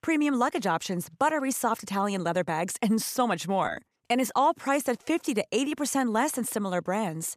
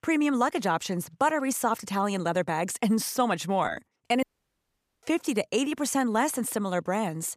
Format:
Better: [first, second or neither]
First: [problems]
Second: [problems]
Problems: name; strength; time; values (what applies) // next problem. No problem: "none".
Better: first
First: none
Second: audio cutting out; at 4 s for 1 s